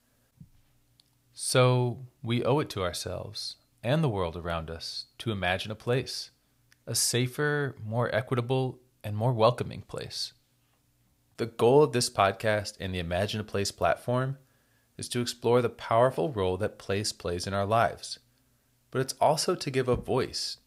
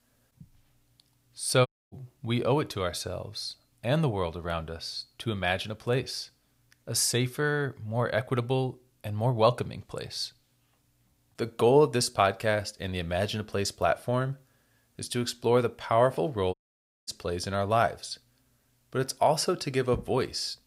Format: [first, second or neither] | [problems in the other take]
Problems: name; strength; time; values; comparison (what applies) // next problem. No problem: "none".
first | audio cutting out; at 1.5 s and at 17 s for 0.5 s